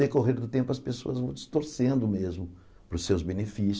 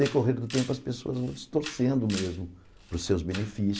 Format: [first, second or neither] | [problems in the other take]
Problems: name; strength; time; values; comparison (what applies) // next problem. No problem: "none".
first | background sound (Camera); 15 dB below the speech